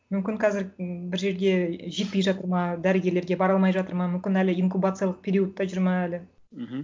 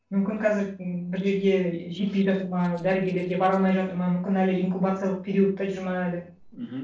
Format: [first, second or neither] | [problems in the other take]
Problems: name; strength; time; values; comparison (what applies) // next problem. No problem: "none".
first | noise reduction (neural separator model SepFormer DNS4)